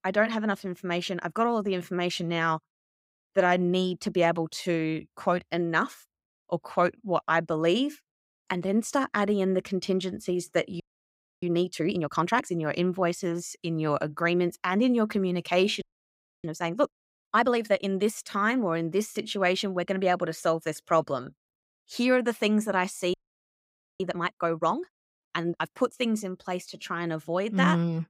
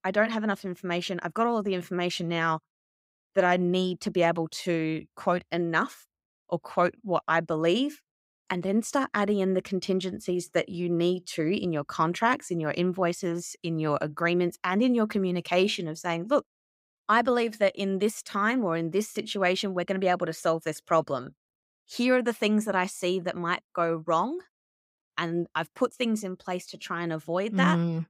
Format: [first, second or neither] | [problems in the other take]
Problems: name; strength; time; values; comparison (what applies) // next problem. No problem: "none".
second | audio freezing; at 11 s for 0.5 s, at 16 s for 0.5 s and at 23 s for 1 s